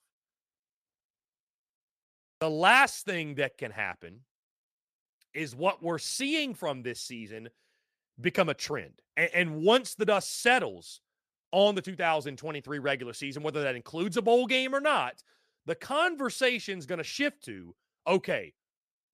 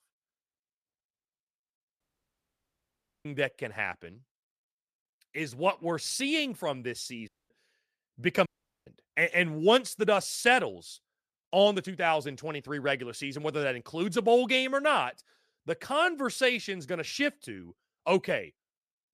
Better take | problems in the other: first | audio cutting out; at 2 s for 1.5 s, at 7.5 s and at 8.5 s

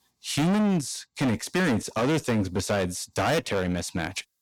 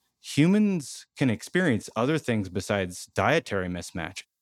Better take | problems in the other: second | distortion; heavy; 20% of the sound clipped

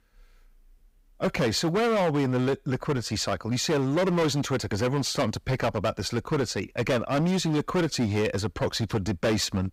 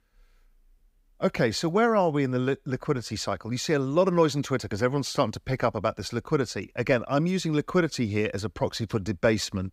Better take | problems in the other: second | distortion; heavy; 16% of the sound clipped

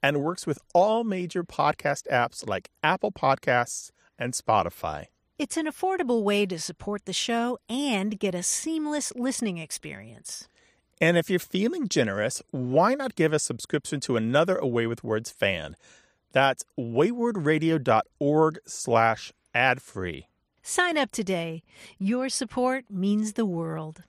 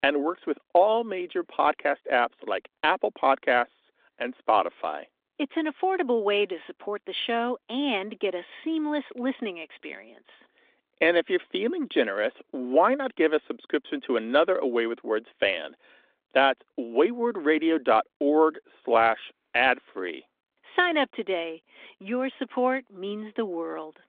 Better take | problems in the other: first | phone-call audio

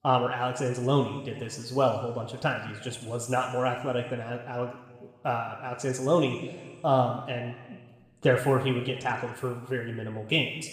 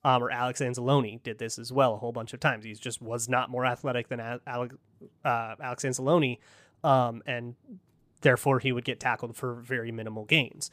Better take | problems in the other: second | room echo; noticeable; dies away in 1.4 s // off-mic speech; somewhat distant

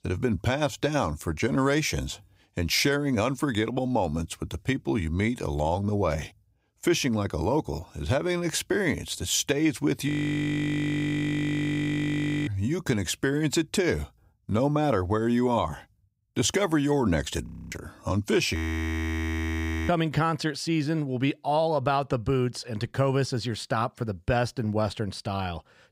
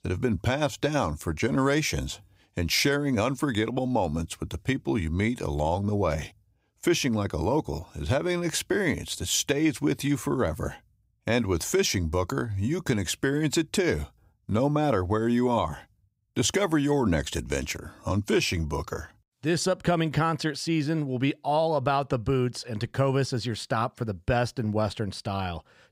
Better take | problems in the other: second | audio freezing; at 10 s for 2.5 s, at 17 s and at 19 s for 1.5 s

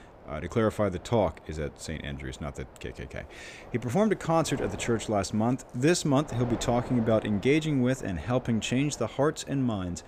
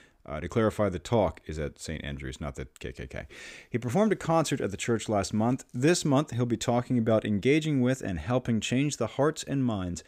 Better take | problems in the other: second | wind noise on the microphone; occasional gusts; 15 dB below the speech

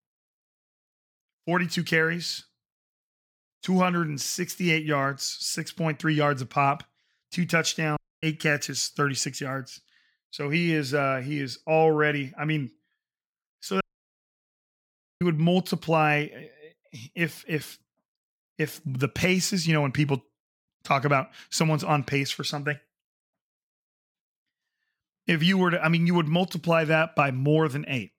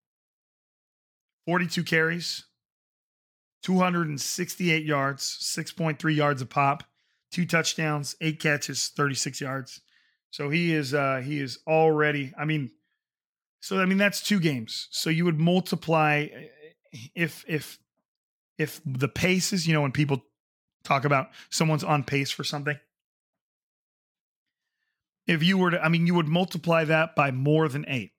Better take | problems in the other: second | audio cutting out; at 8 s and at 14 s for 1.5 s

